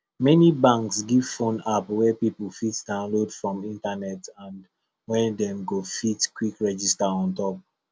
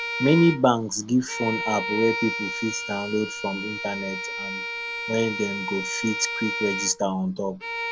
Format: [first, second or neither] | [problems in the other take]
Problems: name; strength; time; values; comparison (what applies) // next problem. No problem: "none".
first | background sound (Bowed string instrument); 6 dB below the speech